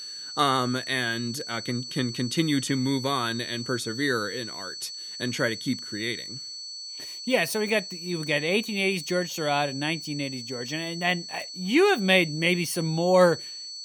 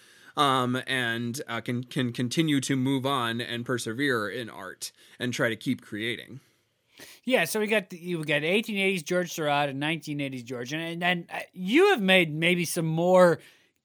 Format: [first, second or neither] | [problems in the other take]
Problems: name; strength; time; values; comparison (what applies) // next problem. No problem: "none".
second | high-pitched whine; loud; throughout; 4.5 kHz, 9 dB below the speech